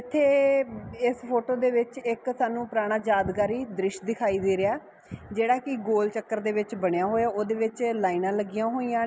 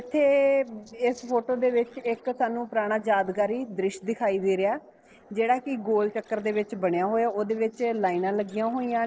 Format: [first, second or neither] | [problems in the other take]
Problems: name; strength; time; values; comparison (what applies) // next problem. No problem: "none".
first | noise reduction (neural separator model SepFormer DNS4)